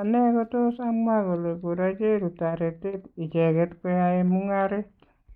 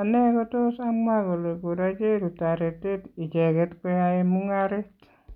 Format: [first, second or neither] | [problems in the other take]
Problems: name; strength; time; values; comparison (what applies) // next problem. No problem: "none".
second | noise reduction (neural mask model DeepFilterNet 3)